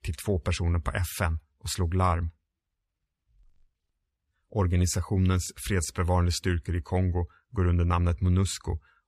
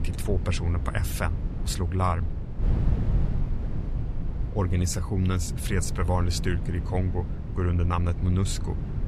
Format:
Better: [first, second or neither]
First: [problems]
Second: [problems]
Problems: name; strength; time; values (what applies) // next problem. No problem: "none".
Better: first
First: none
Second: wind noise on the microphone; occasional gusts; 10 dB below the speech